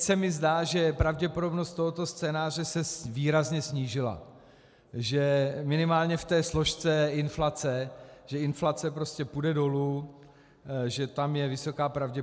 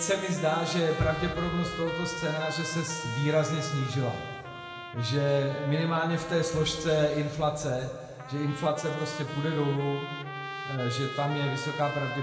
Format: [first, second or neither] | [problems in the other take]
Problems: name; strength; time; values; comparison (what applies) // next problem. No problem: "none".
first | background sound (Trumpet); 10 dB below the speech // room echo; dies away in 1.9 s